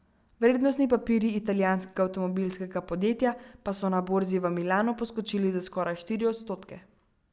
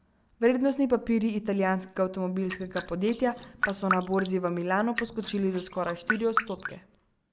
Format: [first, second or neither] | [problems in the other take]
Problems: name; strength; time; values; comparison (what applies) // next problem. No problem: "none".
first | noise reduction (neural mask model Resemble Enhance denoiser)